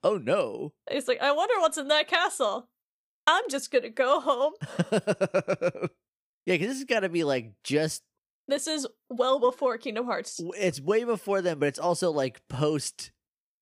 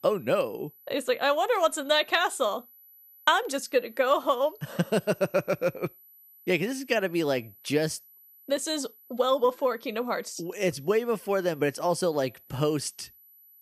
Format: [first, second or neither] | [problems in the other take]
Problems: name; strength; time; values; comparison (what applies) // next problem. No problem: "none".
first | high-pitched whine; faint; throughout; 12 kHz, 25 dB below the speech